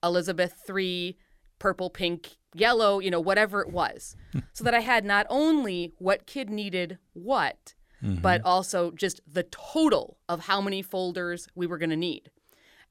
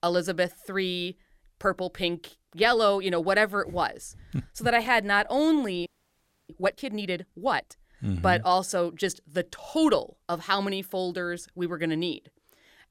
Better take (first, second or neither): first